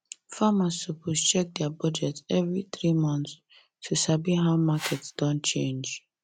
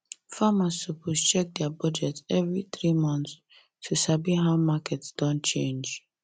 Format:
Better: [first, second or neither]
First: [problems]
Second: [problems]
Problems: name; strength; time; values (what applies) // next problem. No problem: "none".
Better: second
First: background sound (Whoosh, swoosh, swish); 12 dB below the speech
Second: none